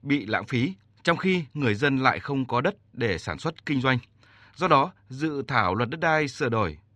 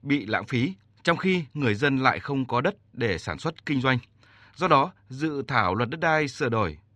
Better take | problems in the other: neither | muffled; slightly; fading above 3 kHz; the same in both

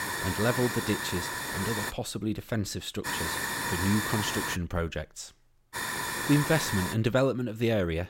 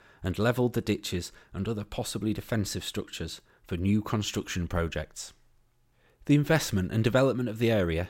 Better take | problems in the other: second | hiss; loud; until 2 s, from 3 to 4.5 s and from 5.5 to 7 s; 2 dB below the speech

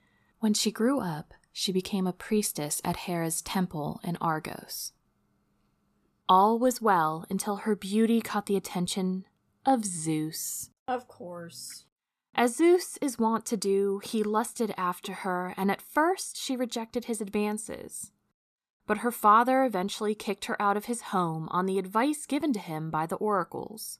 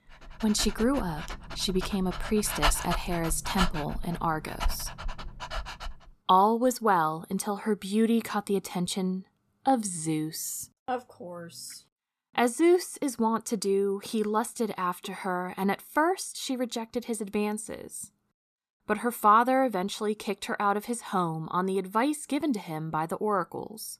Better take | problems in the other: first | dog barking; loud; until 6 s; peak 1 dB above the speech

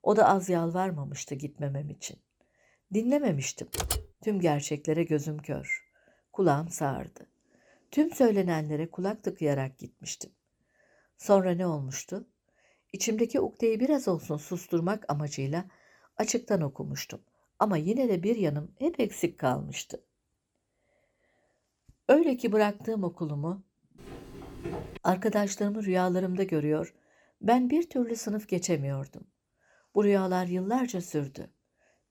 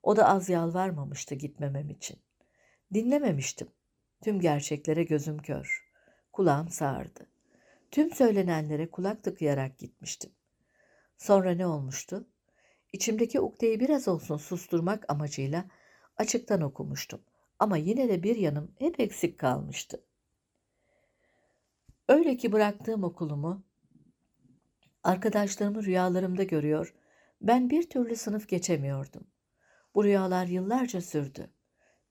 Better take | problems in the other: second | keyboard typing; noticeable; at 3.5 s; peak 2 dB below the speech // footsteps; noticeable; at 24 s; peak 10 dB below the speech

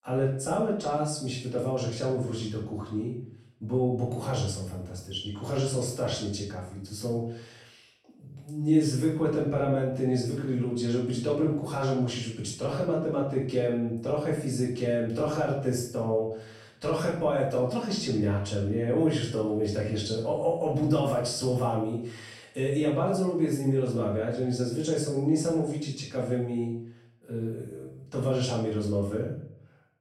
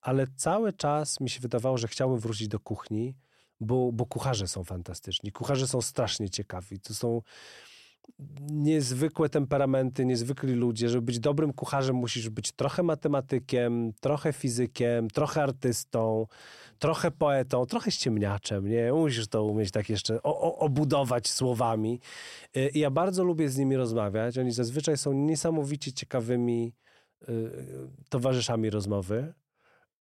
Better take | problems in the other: second | off-mic speech; far // room echo; noticeable; dies away in 0.5 s

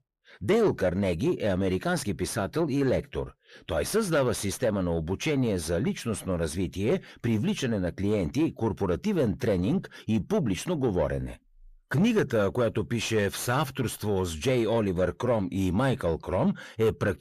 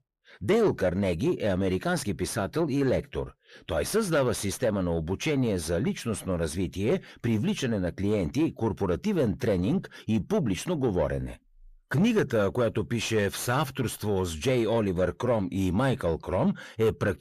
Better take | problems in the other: neither | distortion; slight; 10 dB below the speech; the same in both

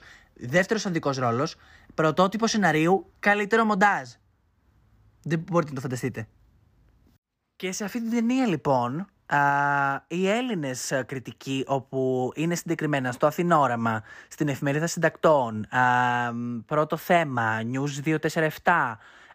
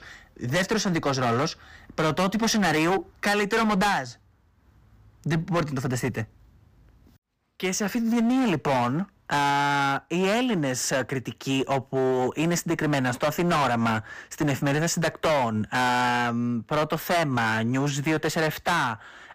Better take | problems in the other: first | distortion; heavy; 17% of the sound clipped

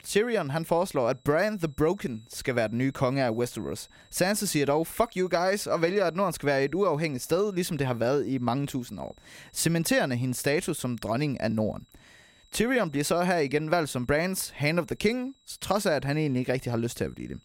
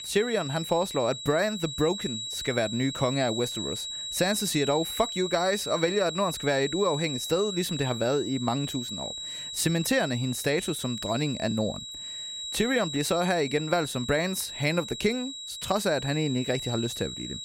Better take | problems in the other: first | high-pitched whine; loud; throughout; 4 kHz, 6 dB below the speech; faint in the first

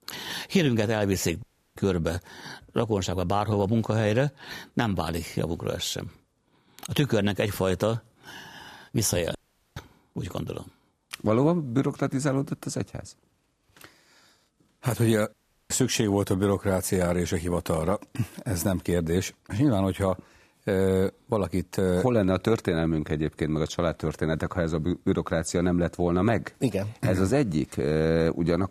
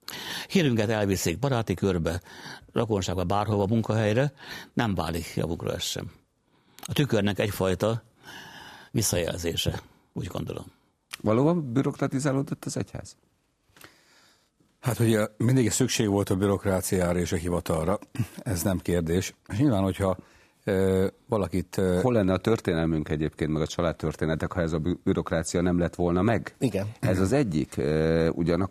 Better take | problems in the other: second | audio cutting out; at 1.5 s, at 9.5 s and at 15 s

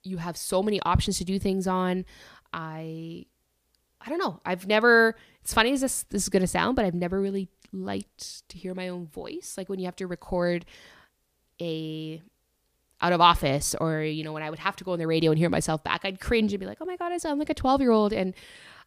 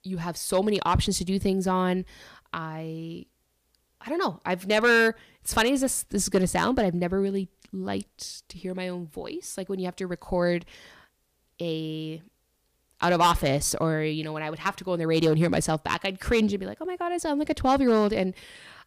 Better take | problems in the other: first | distortion; slight; 1.5% of the sound clipped

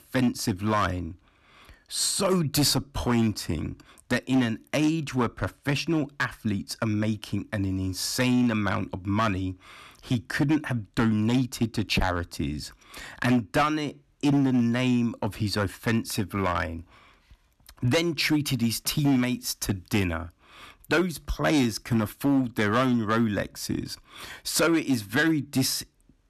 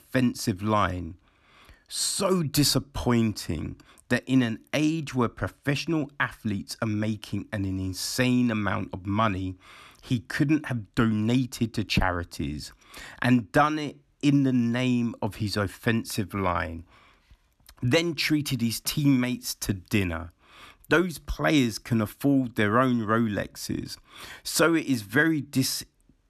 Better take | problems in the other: second | distortion; slight; 5% of the sound clipped

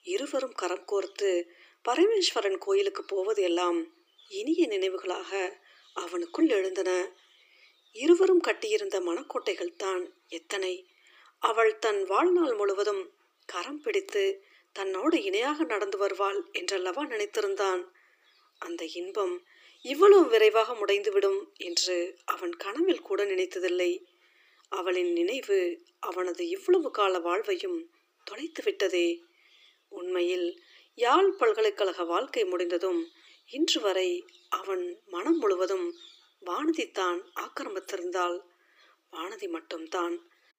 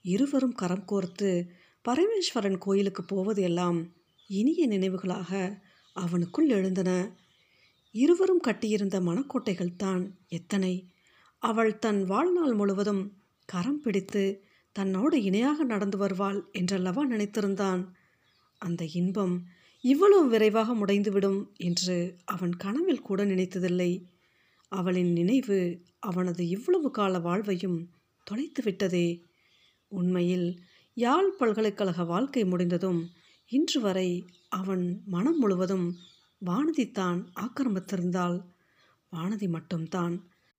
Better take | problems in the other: second | thin; very; fading below 300 Hz

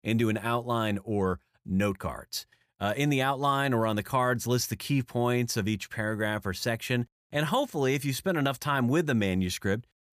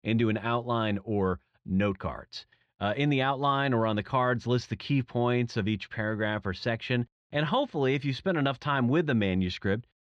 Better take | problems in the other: first | muffled; slightly; fading above 4 kHz

